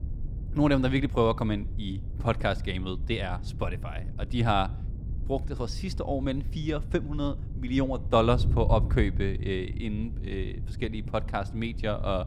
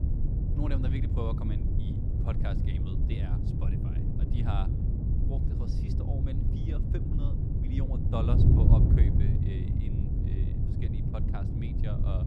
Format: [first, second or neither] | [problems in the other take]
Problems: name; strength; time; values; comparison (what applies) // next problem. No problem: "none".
first | wind noise on the microphone; heavy; 2 dB above the speech; occasional gusts in the first